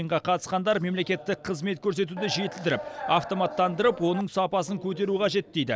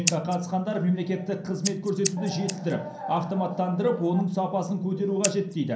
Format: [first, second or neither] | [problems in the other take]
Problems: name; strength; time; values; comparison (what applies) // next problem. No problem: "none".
first | background sound (Scissors); 10 dB below the speech // room echo; dies away in 0.6 s